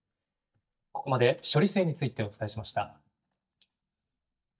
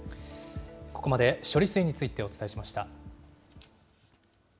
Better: second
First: noise reduction (neural mask model DeepFilterNet 3)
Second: none

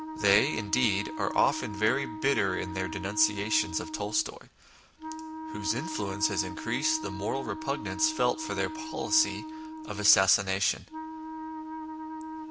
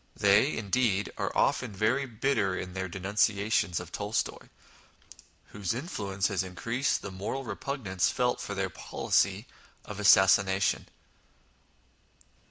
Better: second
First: background sound (Wind instrument, woodwind instrument); 8 dB below the speech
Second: none

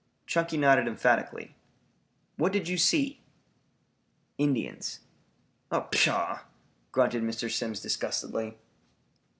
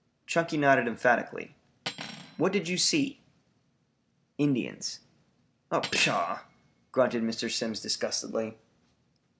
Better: first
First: none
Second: background sound (Cutlery, silverware); 15 dB below the speech

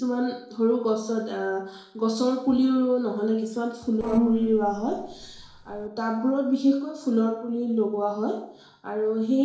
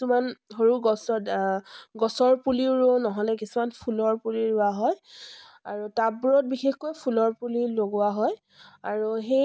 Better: second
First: noise reduction (neural separator model SepFormer DNS4)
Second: none

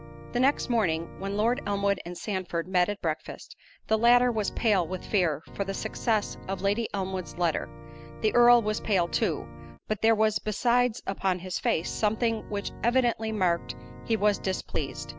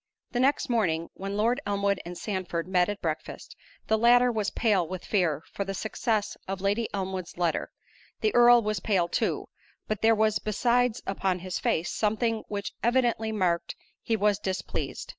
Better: second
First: background sound (Organ); 16 dB below the speech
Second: none

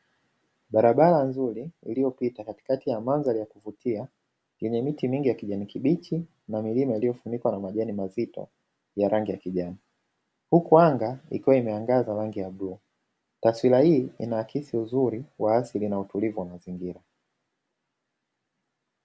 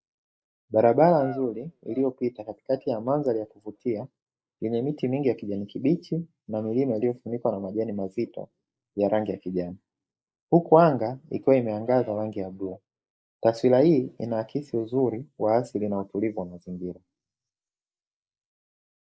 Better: first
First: none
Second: noise reduction (neural mask model Resemble Enhance denoiser)

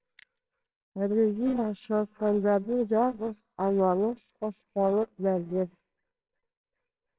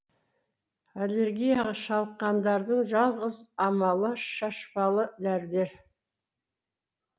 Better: second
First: noise reduction (neural separator model SepFormer WHAMR!)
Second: none

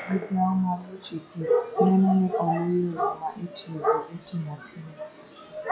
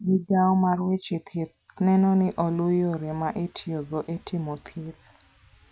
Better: second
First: noise reduction (classical method log-MMSE)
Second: none

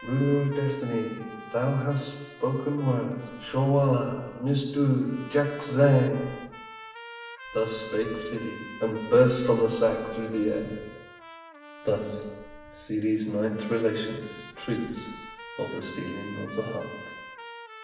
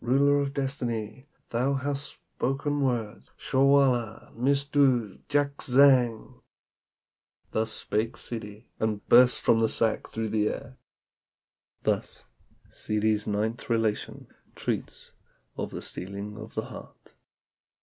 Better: second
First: background sound (Trumpet); 17 dB below the speech // room echo; dies away in 1.1 s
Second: none

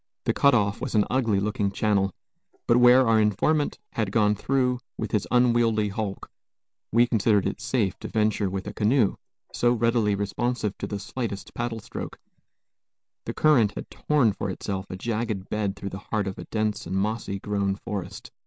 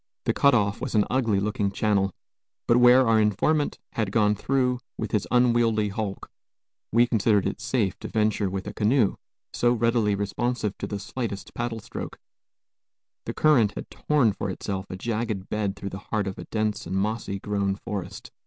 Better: second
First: noise reduction (neural mask model Resemble Enhance denoiser)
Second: none

